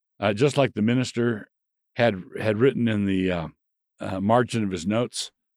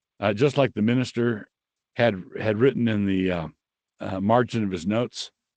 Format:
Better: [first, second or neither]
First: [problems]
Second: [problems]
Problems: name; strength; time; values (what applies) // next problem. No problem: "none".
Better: first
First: none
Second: garbled, watery; slightly; nothing above 8 kHz